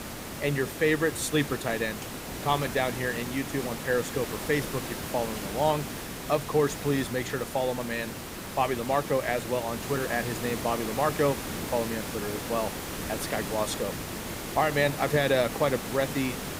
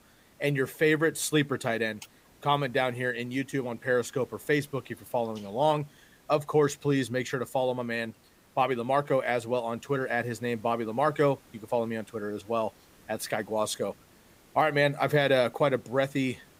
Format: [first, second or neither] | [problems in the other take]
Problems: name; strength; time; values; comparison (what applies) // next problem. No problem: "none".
second | hiss; loud; throughout; 6 dB below the speech; faint in the second